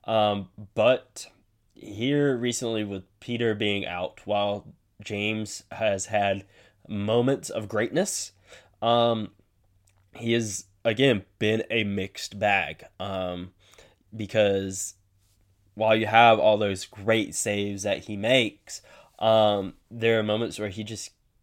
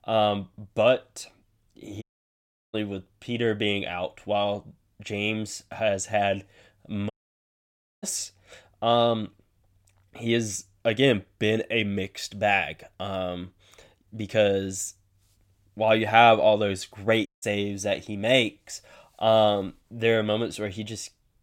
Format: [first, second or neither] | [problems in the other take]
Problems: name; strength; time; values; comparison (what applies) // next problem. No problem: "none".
first | audio cutting out; at 2 s for 0.5 s, at 7 s for 1 s and at 17 s